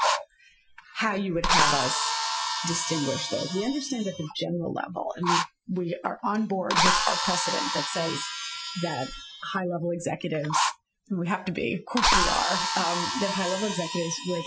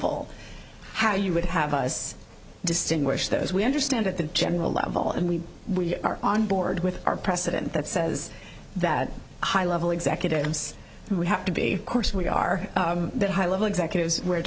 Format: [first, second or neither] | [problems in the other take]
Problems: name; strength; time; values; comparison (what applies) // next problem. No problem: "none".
second | noise reduction (classical method Wiener filter)